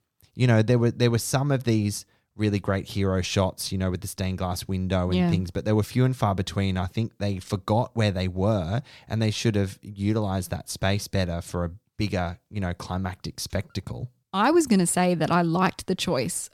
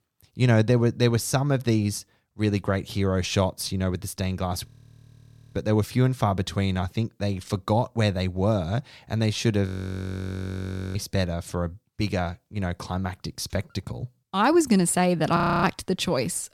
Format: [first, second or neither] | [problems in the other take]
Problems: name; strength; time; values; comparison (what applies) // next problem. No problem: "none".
first | audio freezing; at 4.5 s for 1 s, at 9.5 s for 1.5 s and at 15 s